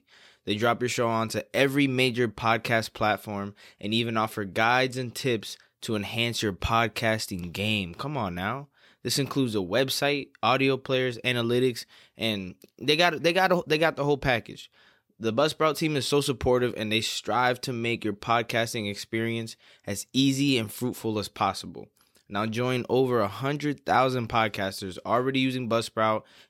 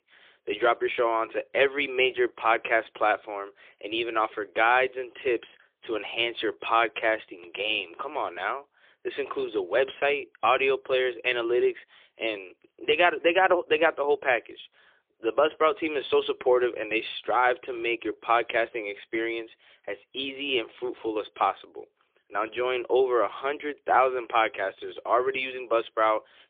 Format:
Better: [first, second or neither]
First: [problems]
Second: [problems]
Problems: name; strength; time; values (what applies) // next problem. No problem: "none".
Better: first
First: none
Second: phone-call audio; poor line; nothing above 3.5 kHz